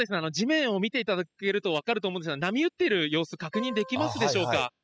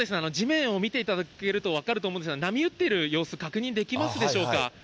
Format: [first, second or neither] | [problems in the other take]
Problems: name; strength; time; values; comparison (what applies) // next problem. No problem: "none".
second | noise reduction (classical method spectral subtraction)